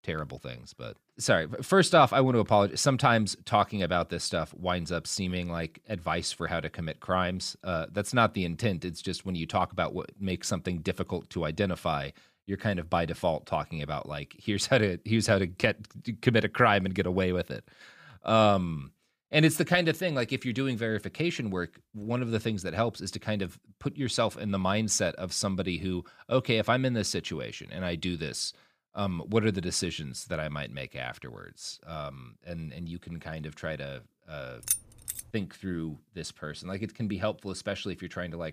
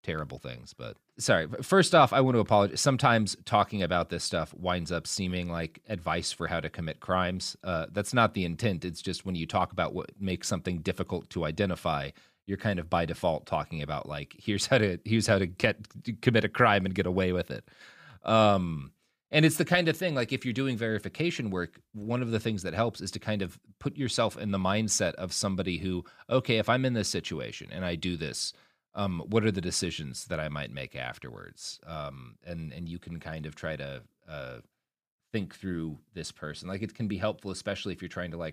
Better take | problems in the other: second | jangling keys; noticeable; at 35 s; peak level with the speech

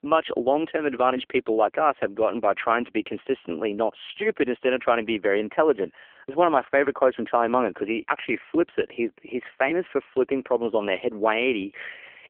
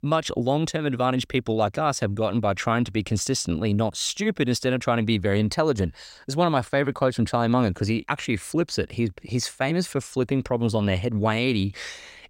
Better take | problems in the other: second | phone-call audio; poor line; nothing above 3.5 kHz

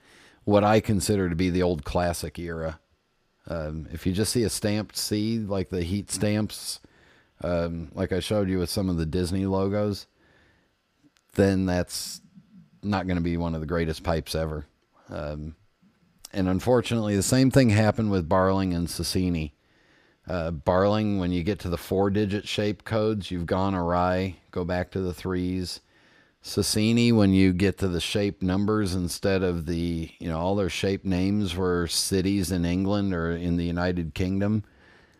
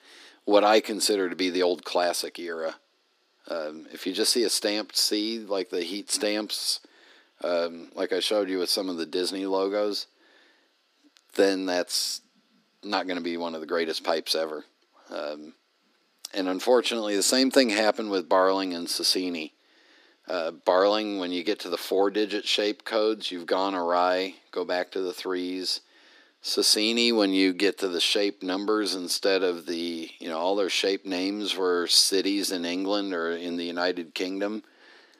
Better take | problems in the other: first | thin; somewhat; fading below 250 Hz

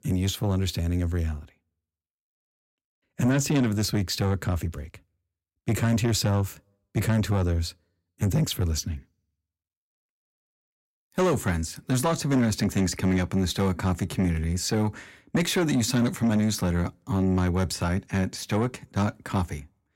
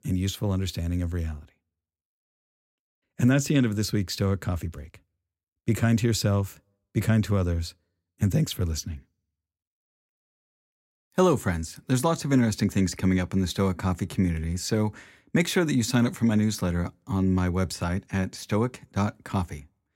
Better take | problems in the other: second | distortion; slight; 10 dB below the speech

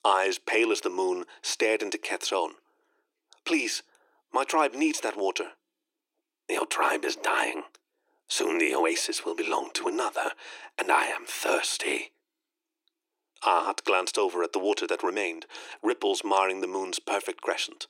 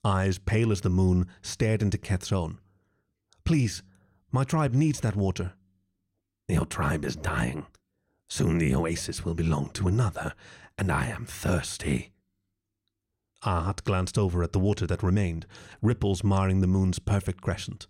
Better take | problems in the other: second | thin; very; fading below 300 Hz

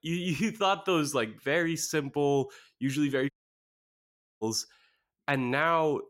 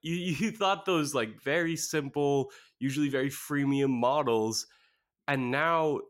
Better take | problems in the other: second | audio cutting out; at 3.5 s for 1 s

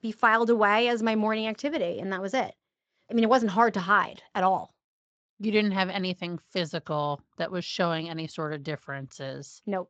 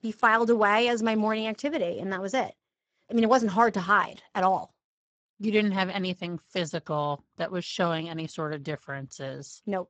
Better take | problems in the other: first | garbled, watery; badly; nothing above 7.5 kHz; slightly in the first

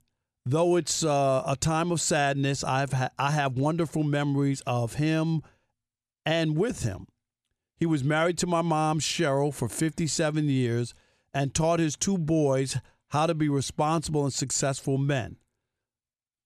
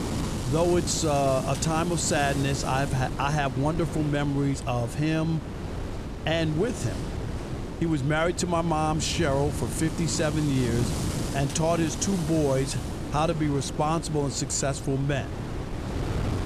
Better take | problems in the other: first | wind noise on the microphone; heavy; 10 dB below the speech

